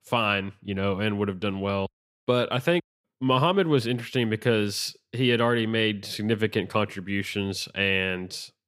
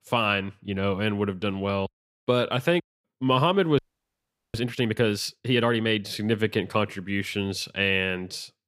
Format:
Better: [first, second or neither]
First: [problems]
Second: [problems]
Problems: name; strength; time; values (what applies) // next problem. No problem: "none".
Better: first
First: none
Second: audio freezing; at 4 s for 1 s